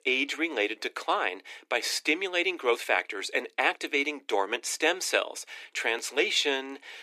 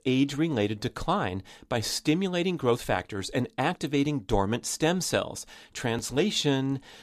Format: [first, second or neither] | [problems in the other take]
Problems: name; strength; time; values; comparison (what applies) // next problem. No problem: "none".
second | thin; very; fading below 350 Hz